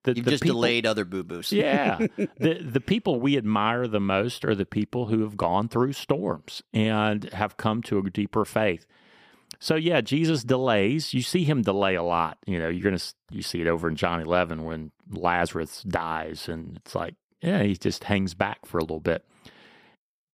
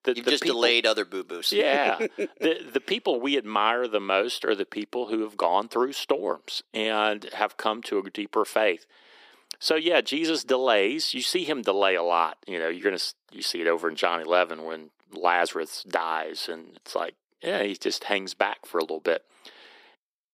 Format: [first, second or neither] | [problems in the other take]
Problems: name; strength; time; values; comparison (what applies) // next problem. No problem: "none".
first | thin; somewhat; fading below 350 Hz